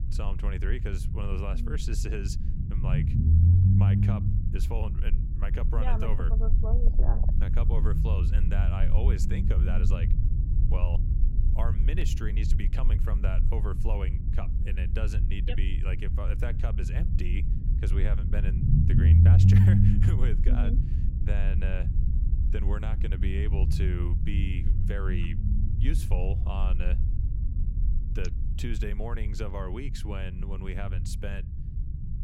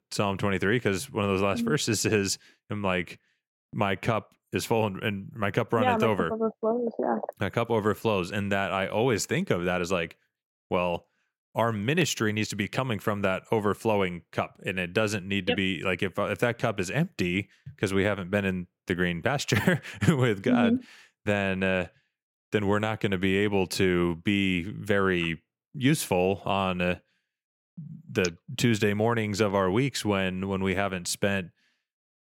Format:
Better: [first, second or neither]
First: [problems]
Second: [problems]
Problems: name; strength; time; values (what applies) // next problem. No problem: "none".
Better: second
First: low rumble; loud; throughout; 1 dB below the speech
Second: none